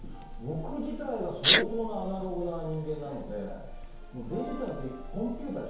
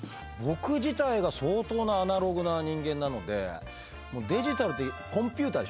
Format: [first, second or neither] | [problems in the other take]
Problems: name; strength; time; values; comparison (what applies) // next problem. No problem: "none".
second | background sound (Sneeze); 1 dB above the speech // room echo; dies away in 1 s